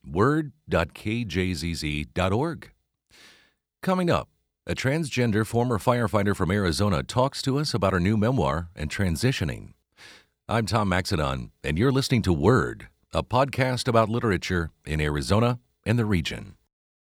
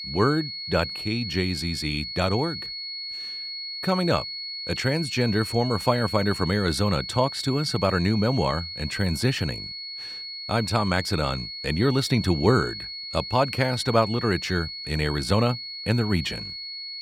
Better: first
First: none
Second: high-pitched whine; loud; throughout; 4.5 kHz, 7 dB below the speech

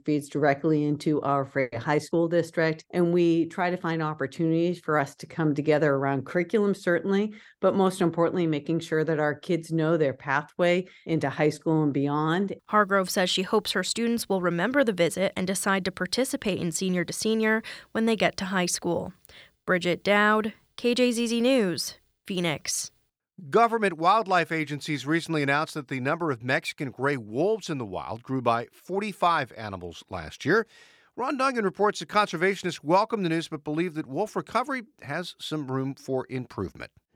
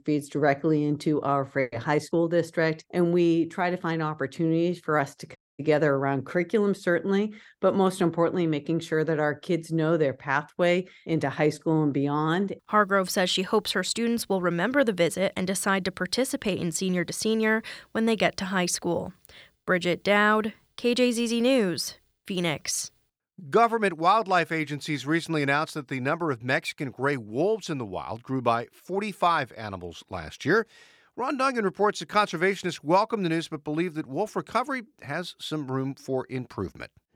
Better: first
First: none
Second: audio cutting out; at 5.5 s

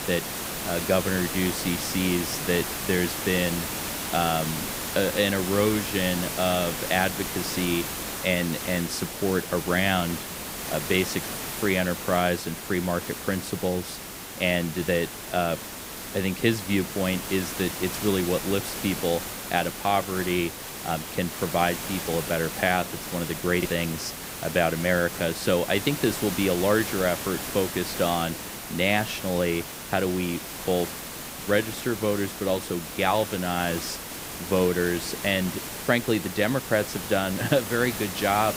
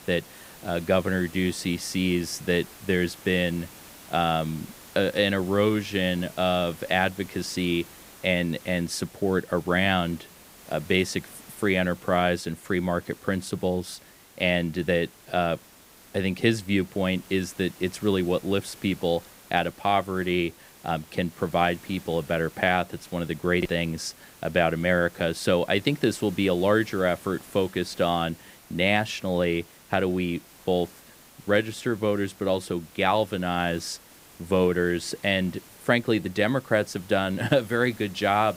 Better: second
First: hiss; loud; throughout; 6 dB below the speech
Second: hiss; faint; throughout; 20 dB below the speech

